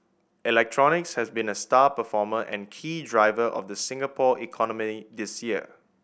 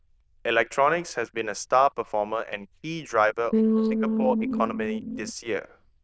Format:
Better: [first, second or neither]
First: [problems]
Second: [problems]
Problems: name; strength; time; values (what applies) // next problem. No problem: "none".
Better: first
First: none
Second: noise reduction (neural diffusion model UNIVERSE++)